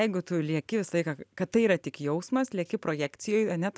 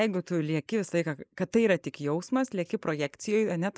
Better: first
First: none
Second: noise reduction (neural mask model Resemble Enhance denoiser)

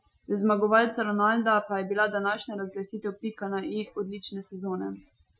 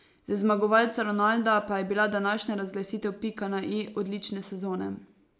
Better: second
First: noise reduction (classical method Wiener filter)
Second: none

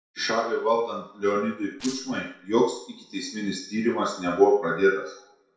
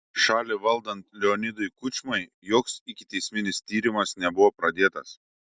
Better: second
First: noise reduction (neural separator model SepFormer DNS4)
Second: none

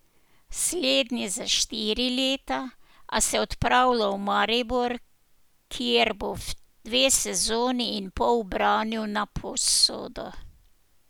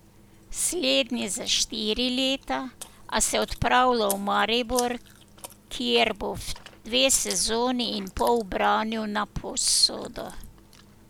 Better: first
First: none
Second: background sound (Chewing, mastication); 18 dB below the speech

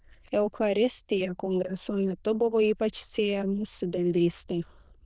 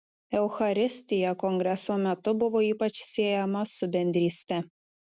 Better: second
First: noise reduction (neural diffusion model UNIVERSE++)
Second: none

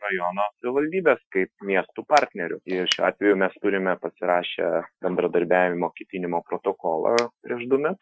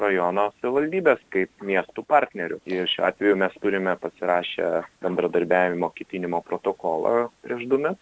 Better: second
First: noise reduction (classical method Wiener filter)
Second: none

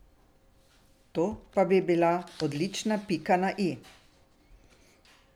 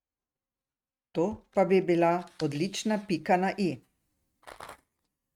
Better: first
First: none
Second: noise reduction (neural mask model RNNoise)

